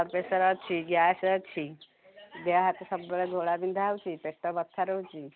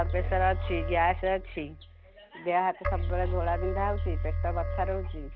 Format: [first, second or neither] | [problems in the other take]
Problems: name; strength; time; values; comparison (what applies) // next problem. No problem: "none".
first | background sound (Keyboard (musical)); 1 dB below the speech